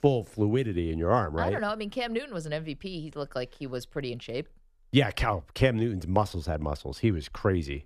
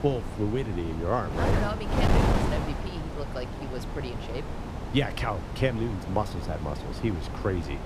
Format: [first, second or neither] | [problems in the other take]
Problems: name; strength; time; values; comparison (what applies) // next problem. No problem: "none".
first | wind noise on the microphone; heavy; 2 dB below the speech